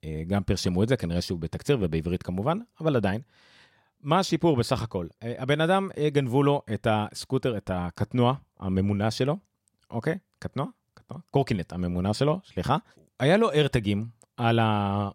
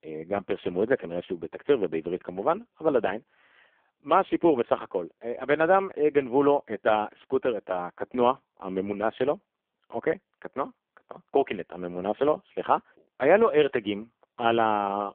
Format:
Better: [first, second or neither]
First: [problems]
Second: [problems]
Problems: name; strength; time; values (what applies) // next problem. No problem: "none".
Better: first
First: none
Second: phone-call audio; poor line